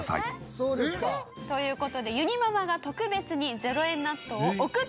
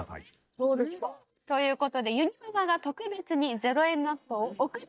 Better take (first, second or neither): first